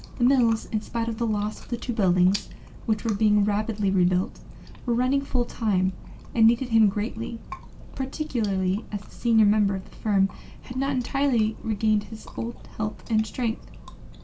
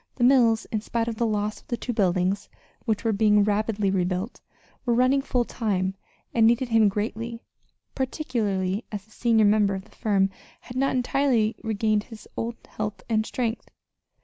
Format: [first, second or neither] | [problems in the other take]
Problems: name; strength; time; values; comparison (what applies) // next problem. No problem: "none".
second | background sound (Chewing, mastication); 15 dB below the speech // room echo; dies away in 0.2 s